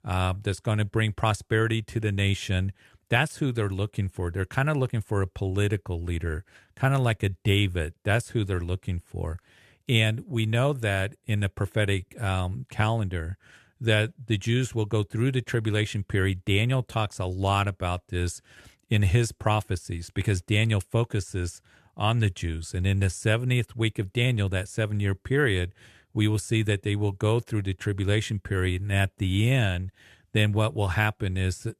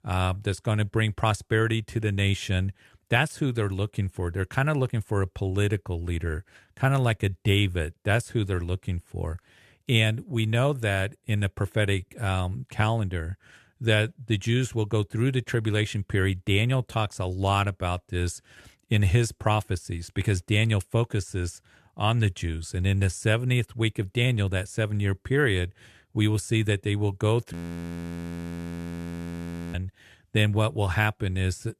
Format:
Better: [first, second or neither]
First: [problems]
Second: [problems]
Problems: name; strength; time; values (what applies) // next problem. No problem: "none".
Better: first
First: none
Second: audio freezing; at 28 s for 2 s